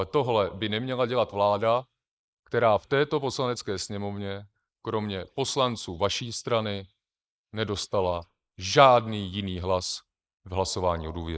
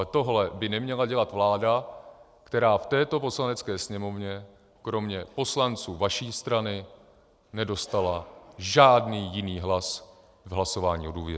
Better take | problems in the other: second | noise reduction (neural mask model Resemble Enhance denoiser)

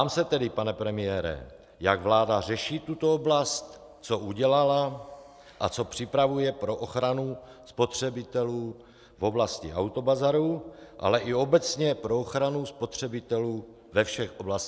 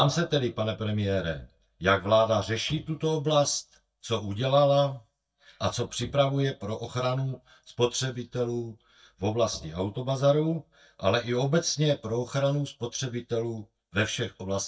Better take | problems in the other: first | noise reduction (neural mask model DeepFilterNet 3)

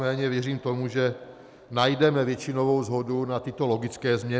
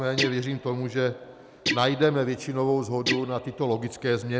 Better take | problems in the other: first | background sound (Guitar); 8 dB below the speech

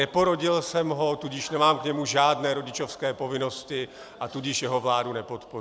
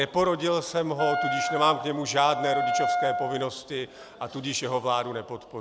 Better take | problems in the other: first | background sound (Wind instrument, woodwind instrument); 1 dB below the speech

